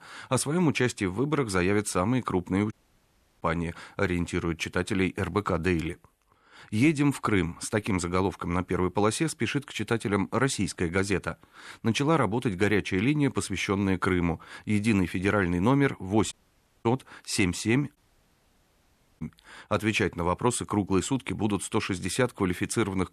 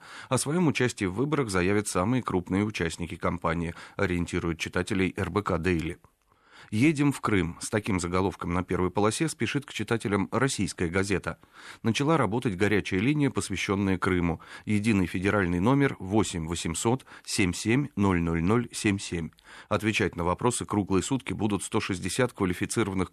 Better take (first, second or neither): second